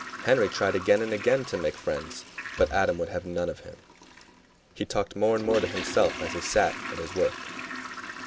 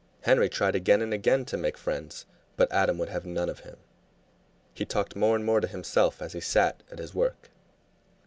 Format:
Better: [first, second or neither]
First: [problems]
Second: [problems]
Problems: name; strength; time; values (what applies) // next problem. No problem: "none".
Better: second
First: background sound (Toilet flush); 11 dB below the speech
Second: none